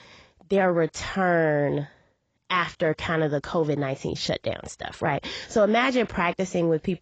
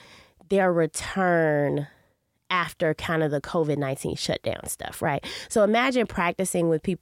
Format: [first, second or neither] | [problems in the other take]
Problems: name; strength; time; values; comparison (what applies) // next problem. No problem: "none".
second | garbled, watery; badly; nothing above 7.5 kHz